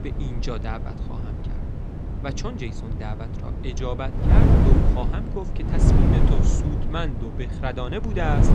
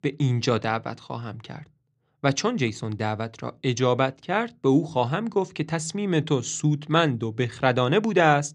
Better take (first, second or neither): second